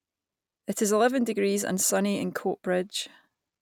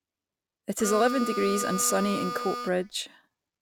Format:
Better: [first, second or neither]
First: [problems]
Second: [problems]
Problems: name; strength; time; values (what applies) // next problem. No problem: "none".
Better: first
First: none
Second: background sound (Harmonica); 5 dB below the speech